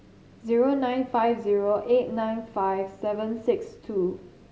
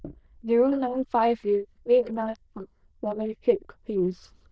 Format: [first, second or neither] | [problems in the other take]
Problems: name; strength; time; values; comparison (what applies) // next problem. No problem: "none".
first | noise reduction (neural diffusion model UNIVERSE++)